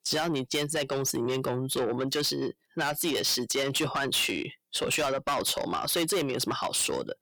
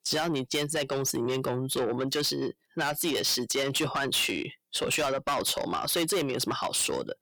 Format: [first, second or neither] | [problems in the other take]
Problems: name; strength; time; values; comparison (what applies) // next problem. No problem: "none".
neither | distortion; heavy; 7 dB below the speech; the same in both